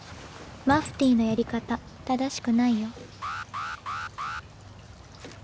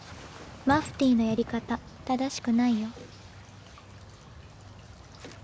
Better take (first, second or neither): second